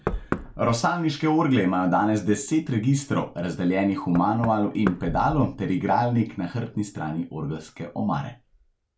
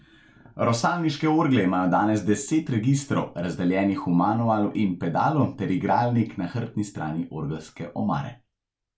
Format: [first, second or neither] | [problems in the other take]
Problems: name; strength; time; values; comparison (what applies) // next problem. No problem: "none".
second | background sound (Knock); 14 dB below the speech